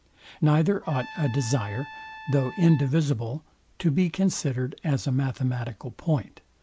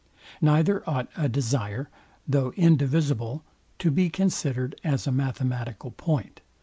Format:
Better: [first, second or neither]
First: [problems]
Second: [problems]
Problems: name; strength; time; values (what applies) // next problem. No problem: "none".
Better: second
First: background sound (Trumpet); 17 dB below the speech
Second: none